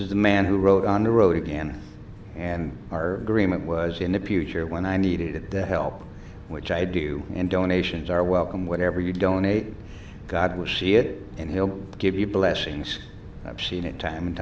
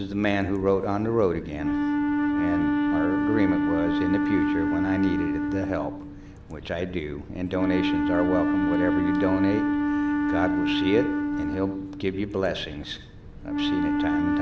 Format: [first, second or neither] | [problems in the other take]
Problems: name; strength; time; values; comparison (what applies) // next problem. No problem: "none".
first | background sound (Wind instrument, woodwind instrument); 3 dB above the speech